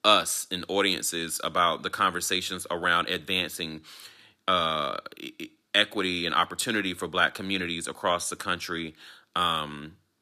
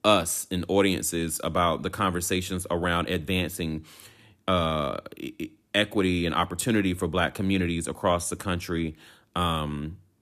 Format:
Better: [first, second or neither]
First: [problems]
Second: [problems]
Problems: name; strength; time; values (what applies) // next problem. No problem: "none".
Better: second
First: thin; somewhat; fading below 350 Hz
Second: none